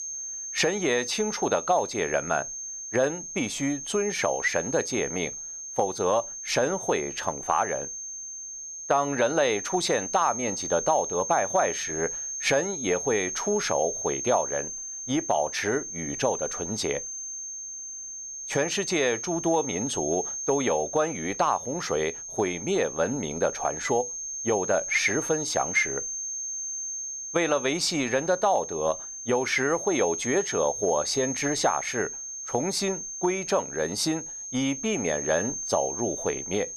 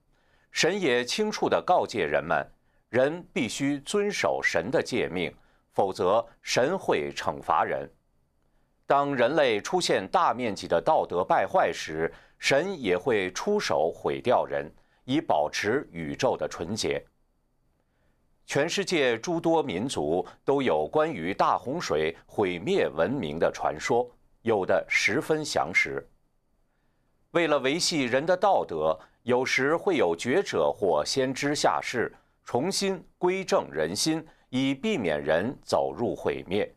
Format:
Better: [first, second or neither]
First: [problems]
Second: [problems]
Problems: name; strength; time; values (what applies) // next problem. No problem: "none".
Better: second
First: high-pitched whine; loud; throughout; 6.5 kHz, 5 dB below the speech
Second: none